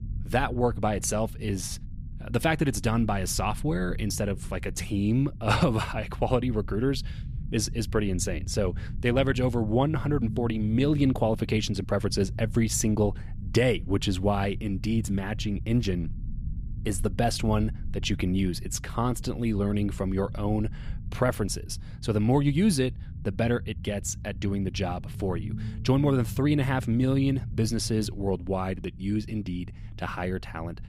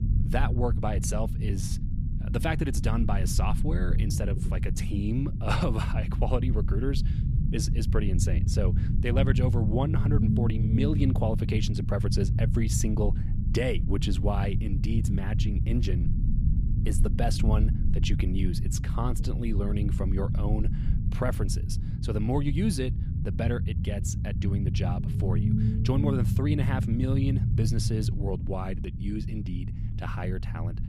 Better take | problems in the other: first | low rumble; loud; throughout; 6 dB below the speech; faint in the first

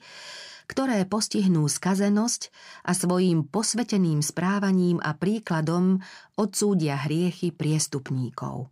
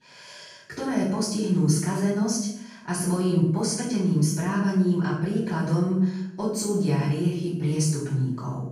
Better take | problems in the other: first | off-mic speech; far // room echo; noticeable; dies away in 0.7 s

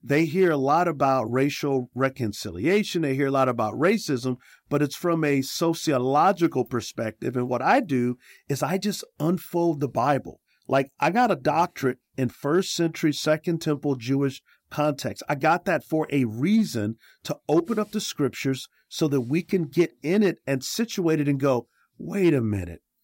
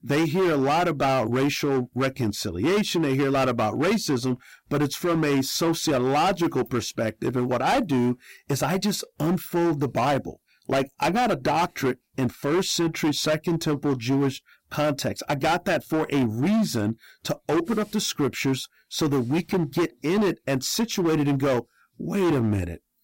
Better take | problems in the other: first | distortion; heavy; 18% of the sound clipped

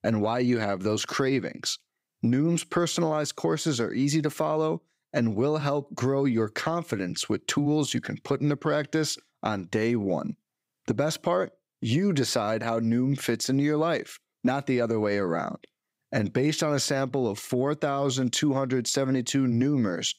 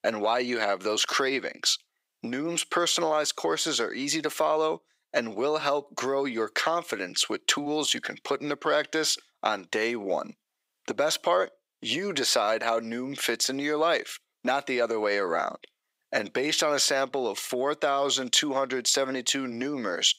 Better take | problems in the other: first | thin; somewhat; fading below 500 Hz

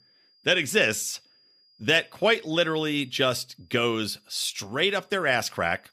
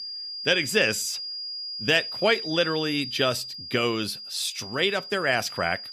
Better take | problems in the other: first | high-pitched whine; loud; throughout; 5 kHz, 8 dB below the speech; faint in the first

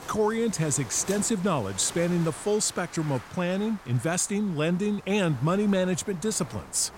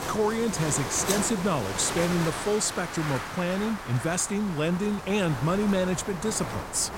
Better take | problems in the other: first | wind noise on the microphone; heavy; 3 dB below the speech; occasional gusts in the first

